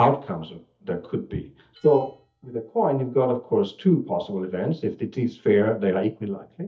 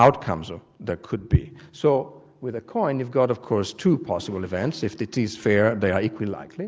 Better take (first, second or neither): second